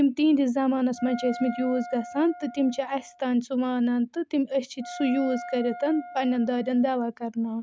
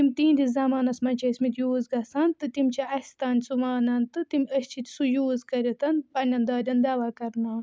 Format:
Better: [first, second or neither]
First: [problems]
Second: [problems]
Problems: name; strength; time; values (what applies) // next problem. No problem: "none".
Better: second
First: background sound (Wind instrument, woodwind instrument); 15 dB below the speech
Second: none